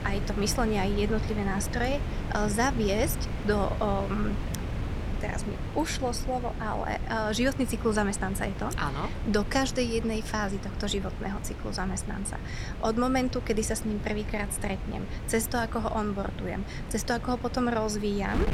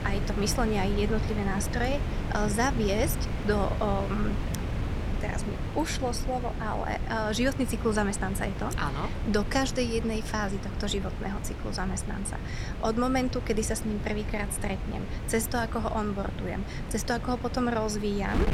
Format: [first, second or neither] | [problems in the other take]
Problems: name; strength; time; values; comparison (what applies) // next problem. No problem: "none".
first | wind noise on the microphone; heavy; 9 dB below the speech; occasional gusts in the first